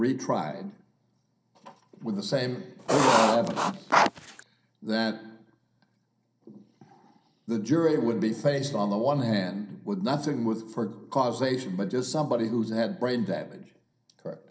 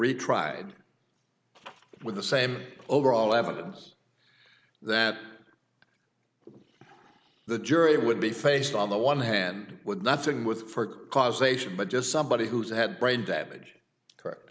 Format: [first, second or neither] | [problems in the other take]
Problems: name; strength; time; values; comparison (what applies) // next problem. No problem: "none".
second | background sound (Writing); 4 dB above the speech // room echo; dies away in 0.3 s